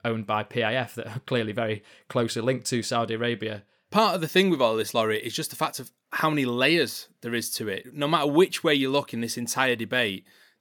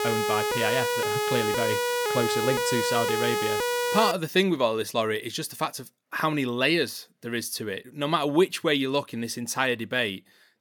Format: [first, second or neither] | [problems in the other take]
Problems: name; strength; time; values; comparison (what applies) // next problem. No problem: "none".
first | siren; loud; until 4 s; peak 1 dB above the speech